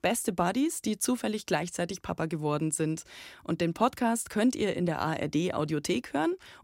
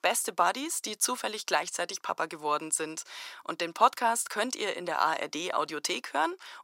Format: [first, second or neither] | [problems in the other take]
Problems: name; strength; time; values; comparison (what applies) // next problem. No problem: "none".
first | thin; very; fading below 600 Hz